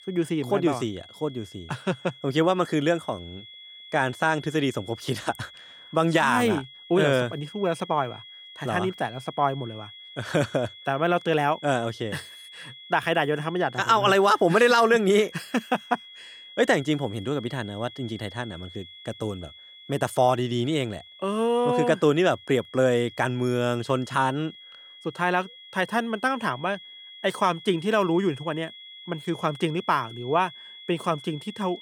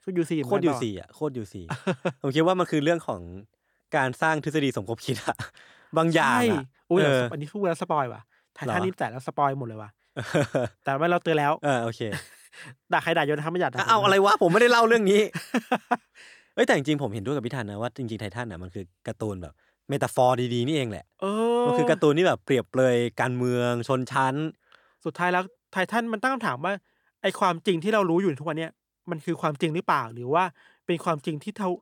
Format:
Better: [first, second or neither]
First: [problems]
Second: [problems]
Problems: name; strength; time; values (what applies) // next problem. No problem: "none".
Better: second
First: high-pitched whine; noticeable; throughout; 3.5 kHz, 20 dB below the speech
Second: none